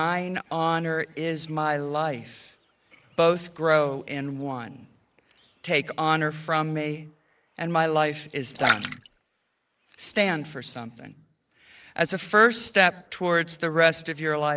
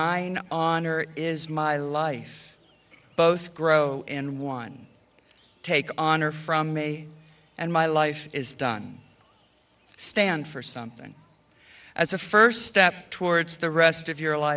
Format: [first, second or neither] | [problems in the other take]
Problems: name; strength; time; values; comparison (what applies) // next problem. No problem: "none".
second | noise reduction (neural mask model Resemble Enhance denoiser)